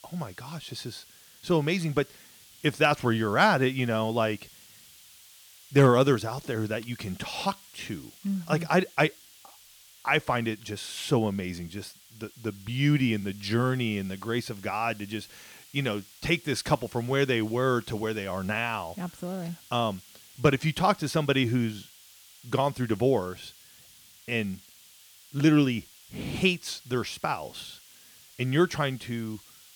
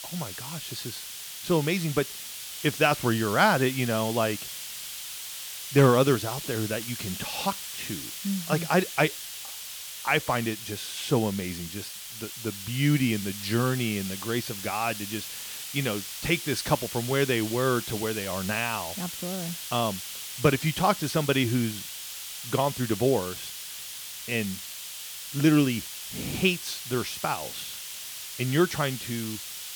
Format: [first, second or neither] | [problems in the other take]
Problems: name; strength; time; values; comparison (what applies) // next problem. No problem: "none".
first | hiss; loud; throughout; 8 dB below the speech; faint in the first